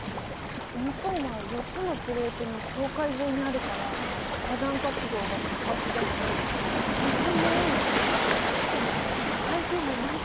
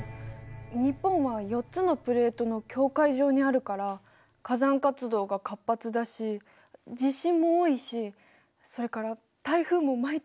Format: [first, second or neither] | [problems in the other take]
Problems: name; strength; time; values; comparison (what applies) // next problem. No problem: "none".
second | background sound (Waves, surf); 4 dB above the speech